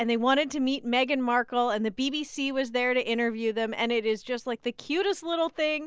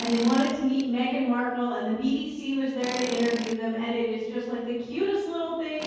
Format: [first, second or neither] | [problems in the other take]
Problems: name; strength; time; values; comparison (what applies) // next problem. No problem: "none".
first | background sound (Tools); 15 dB below the speech // room echo; dies away in 1.3 s